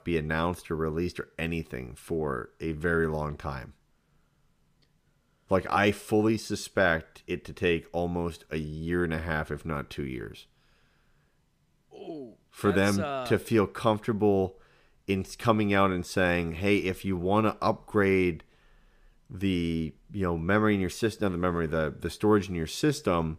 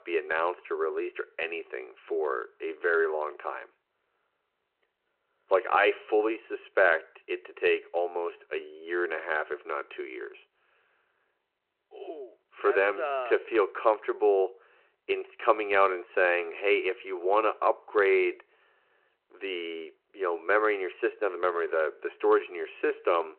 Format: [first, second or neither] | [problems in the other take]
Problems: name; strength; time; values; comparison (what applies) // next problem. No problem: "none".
first | phone-call audio